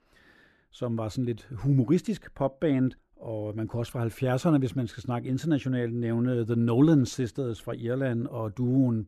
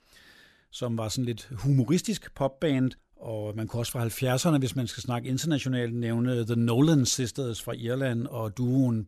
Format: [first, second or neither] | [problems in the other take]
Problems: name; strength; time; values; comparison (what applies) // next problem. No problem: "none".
second | muffled; slightly; fading above 2.5 kHz